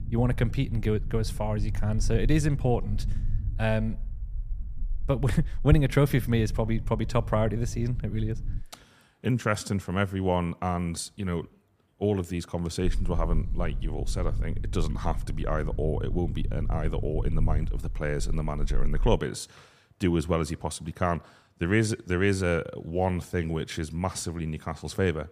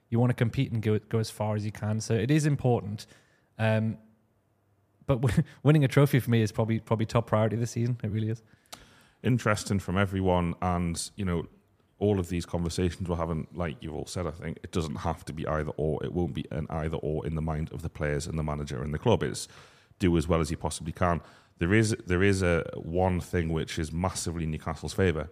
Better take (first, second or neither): second